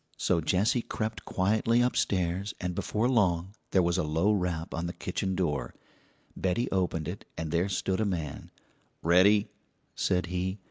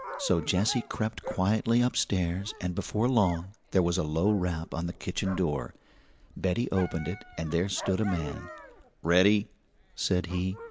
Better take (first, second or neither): first